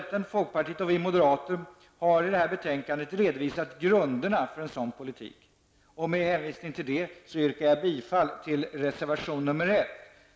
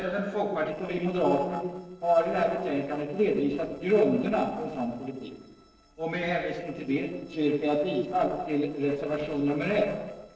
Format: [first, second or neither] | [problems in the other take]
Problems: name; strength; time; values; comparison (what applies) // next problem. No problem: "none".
first | noise reduction (neural separator model SepFormer DNS4)